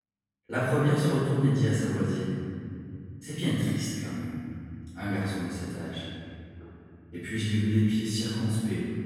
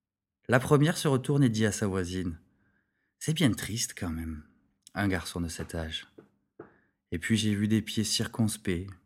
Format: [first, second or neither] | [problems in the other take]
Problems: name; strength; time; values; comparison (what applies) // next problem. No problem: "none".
second | off-mic speech; far // room echo; strong; dies away in 2.5 s